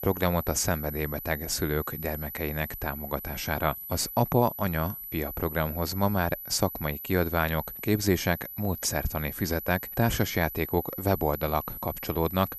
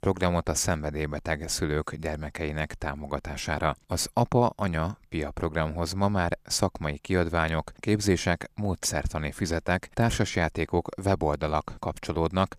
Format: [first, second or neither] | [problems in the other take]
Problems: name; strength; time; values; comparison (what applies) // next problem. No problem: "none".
second | high-pitched whine; loud; throughout; 12 kHz, 8 dB below the speech